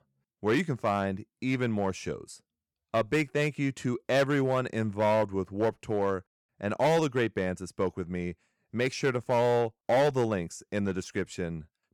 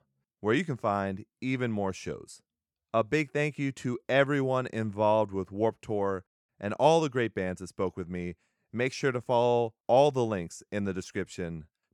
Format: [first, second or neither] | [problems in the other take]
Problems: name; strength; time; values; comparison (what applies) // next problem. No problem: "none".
second | distortion; slight; 4% of the sound clipped